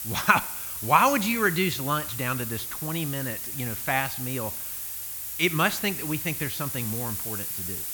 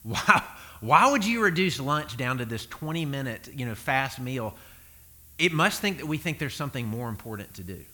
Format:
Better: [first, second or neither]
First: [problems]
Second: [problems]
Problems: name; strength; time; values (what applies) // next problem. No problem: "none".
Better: second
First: hiss; loud; throughout; 4 dB below the speech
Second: hiss; faint; throughout; 25 dB below the speech